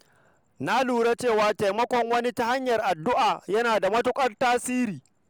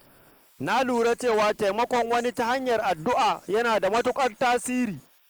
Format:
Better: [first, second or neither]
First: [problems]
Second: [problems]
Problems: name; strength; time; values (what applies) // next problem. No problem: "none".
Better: first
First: none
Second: noise reduction (neural mask model Resemble Enhance denoiser)